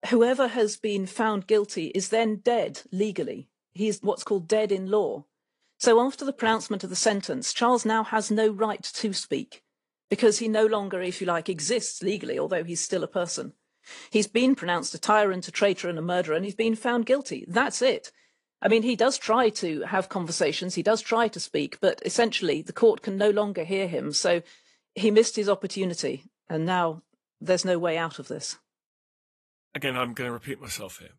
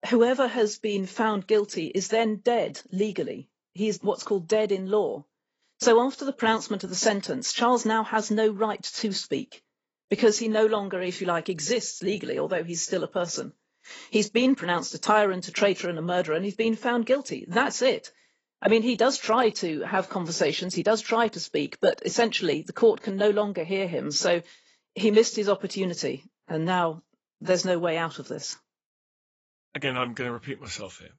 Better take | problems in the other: first | garbled, watery; badly; nothing above 7.5 kHz; slightly in the first

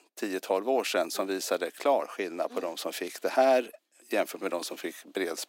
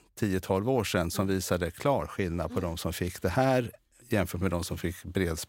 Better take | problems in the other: second | thin; somewhat; fading below 250 Hz

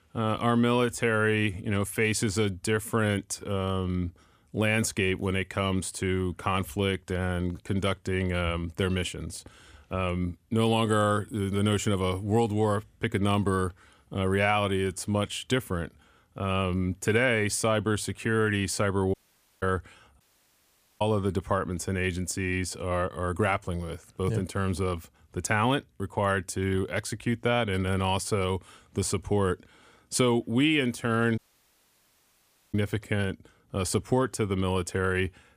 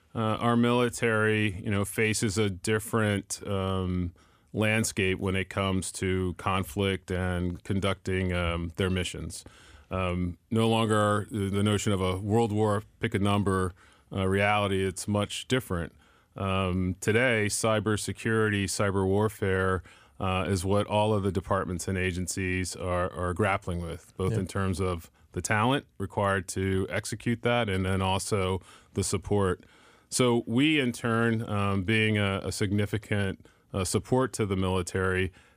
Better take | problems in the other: second | audio cutting out; at 19 s, at 20 s for 1 s and at 31 s for 1.5 s

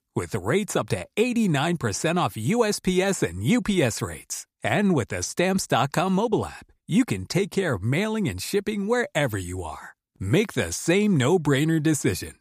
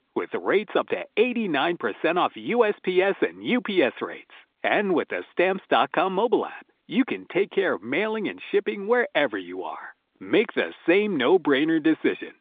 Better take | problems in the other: first | phone-call audio

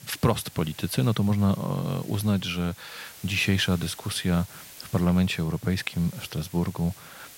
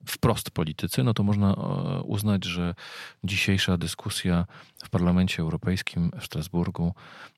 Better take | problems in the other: second | hiss; noticeable; throughout; 20 dB below the speech

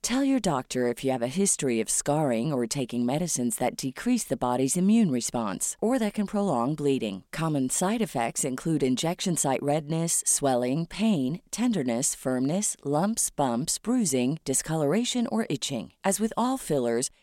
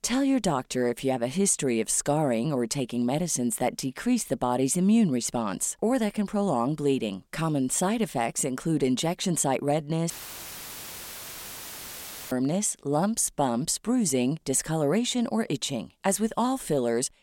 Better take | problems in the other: first | audio cutting out; filled with static; at 10 s for 2 s

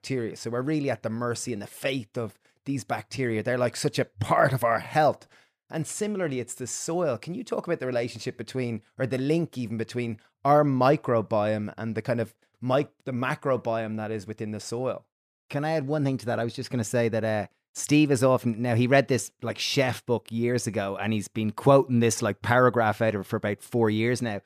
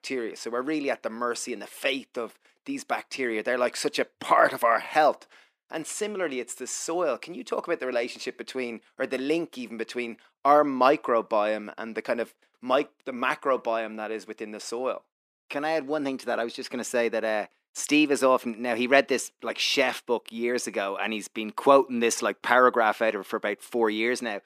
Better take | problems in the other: first | thin; very slightly; fading below 250 Hz

